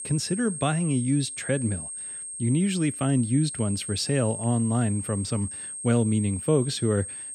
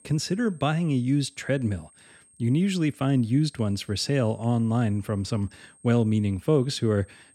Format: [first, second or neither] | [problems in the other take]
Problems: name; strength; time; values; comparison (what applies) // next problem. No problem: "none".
second | high-pitched whine; loud; throughout; 8.5 kHz, 8 dB below the speech; faint in the second